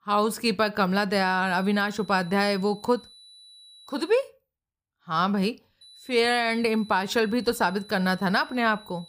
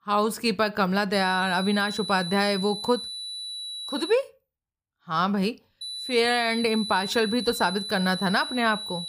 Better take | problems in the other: first | high-pitched whine; loud; from 1 to 4 s and from 6 s on; 4 kHz, 7 dB below the speech; faint in the first

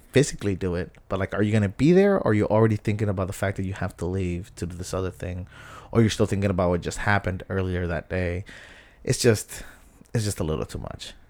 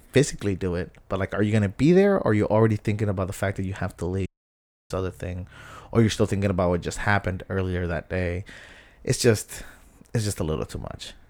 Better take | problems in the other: first | audio cutting out; at 4.5 s for 0.5 s

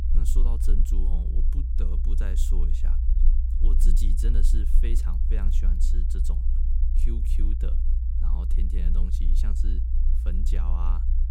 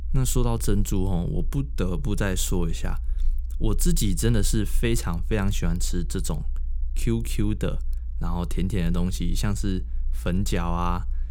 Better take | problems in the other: second | low rumble; loud; throughout; 3 dB below the speech; faint in the second

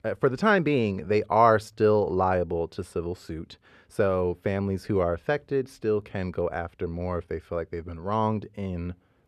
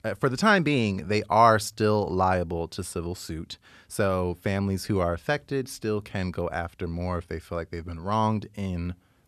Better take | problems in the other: second | muffled; slightly; fading above 4 kHz

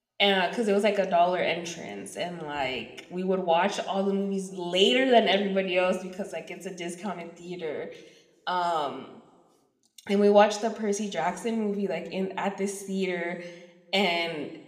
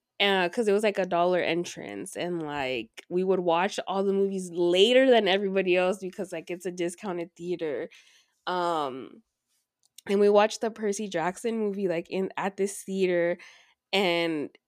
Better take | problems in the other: second | room echo; very slight; dies away in 0.8 s

